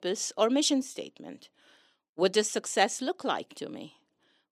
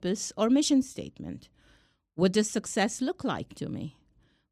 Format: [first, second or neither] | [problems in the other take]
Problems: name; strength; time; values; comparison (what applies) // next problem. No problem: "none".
second | thin; somewhat; fading below 400 Hz